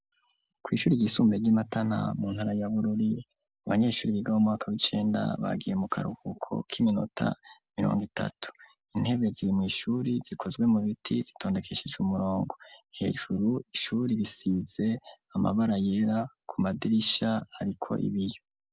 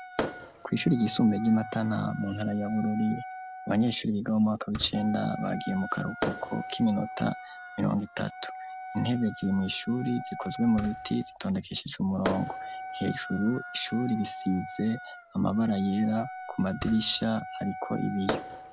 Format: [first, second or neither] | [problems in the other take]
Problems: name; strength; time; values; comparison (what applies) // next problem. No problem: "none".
first | background sound (Wind instrument, woodwind instrument + Fireworks); 10 dB below the speech